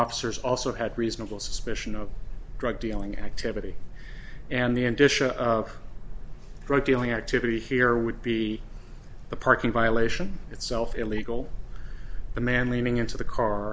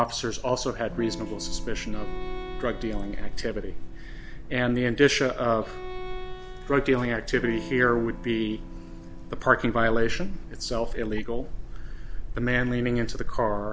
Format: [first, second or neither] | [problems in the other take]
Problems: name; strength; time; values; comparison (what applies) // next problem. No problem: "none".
first | background sound (Electric guitar / Strum + Bowed string instrument); 17 dB below the speech